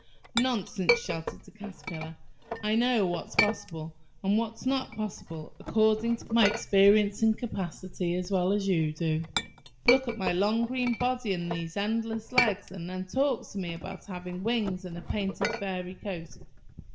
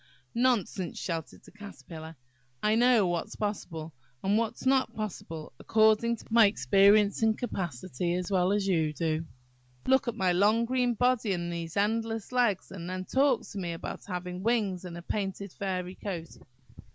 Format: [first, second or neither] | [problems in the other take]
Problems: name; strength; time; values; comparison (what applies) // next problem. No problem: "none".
second | background sound (Chink, clink); 7 dB below the speech // room echo; dies away in 0.5 s